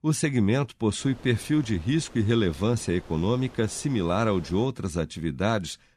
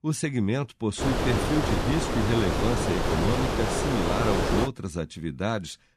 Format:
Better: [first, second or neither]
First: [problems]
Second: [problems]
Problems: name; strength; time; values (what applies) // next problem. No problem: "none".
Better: first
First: wind noise on the microphone; occasional gusts; from 1 to 4.5 s; 20 dB below the speech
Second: wind noise on the microphone; heavy; from 1 to 4.5 s; 4 dB above the speech